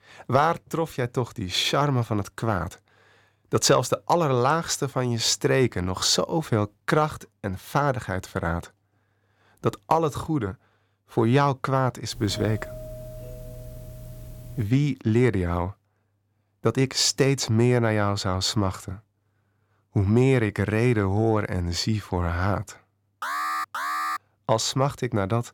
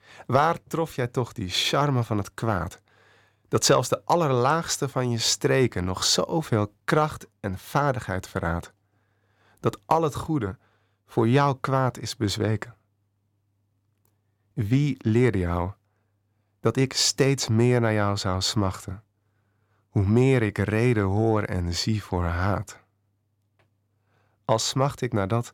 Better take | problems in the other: second | doorbell; faint; from 12 to 15 s; peak 15 dB below the speech // alarm; noticeable; at 23 s; peak 3 dB below the speech

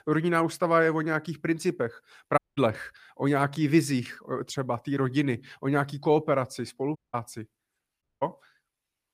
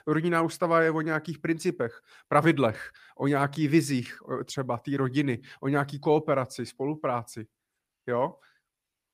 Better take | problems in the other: second | audio cutting out; at 2.5 s, at 7 s and at 8 s

